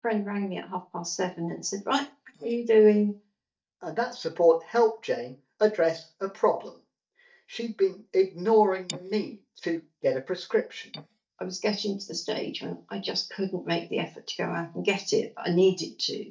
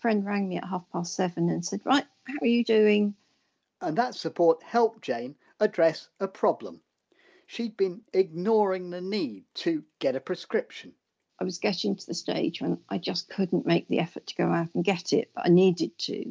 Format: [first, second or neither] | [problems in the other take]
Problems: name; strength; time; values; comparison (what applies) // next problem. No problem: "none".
second | noise reduction (neural mask model DeepFilterNet 3)